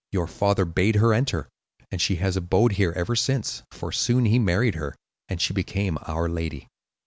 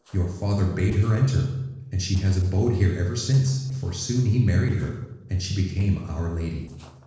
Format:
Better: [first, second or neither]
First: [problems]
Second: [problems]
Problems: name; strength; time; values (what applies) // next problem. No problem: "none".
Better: first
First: none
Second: noise reduction (neural separator model SepFormer DNS4)